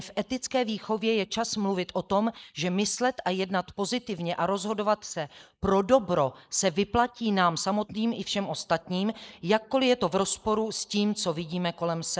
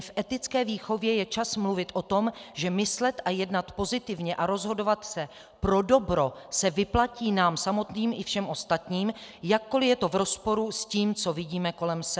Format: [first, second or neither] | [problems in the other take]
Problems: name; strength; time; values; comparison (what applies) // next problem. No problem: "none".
second | noise reduction (neural mask model Resemble Enhance denoiser)